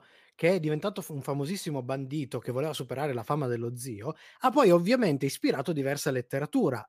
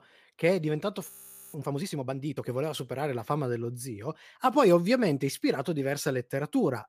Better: first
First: none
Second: audio freezing; at 1 s

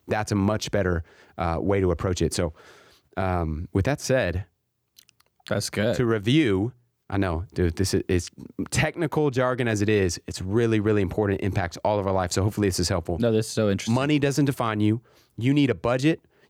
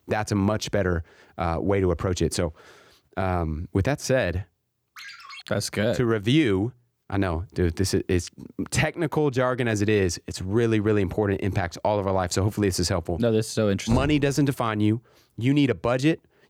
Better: first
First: none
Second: phone ringing; faint; at 5 s; peak 15 dB below the speech // door banging; noticeable; at 14 s; peak 7 dB below the speech

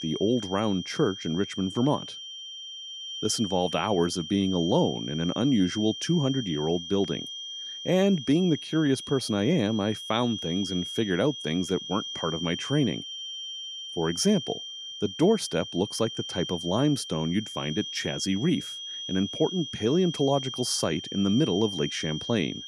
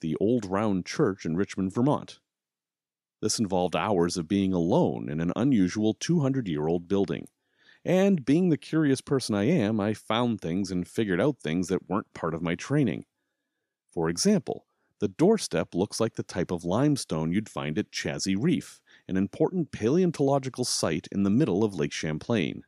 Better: second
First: high-pitched whine; loud; throughout; 3 kHz, 8 dB below the speech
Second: none

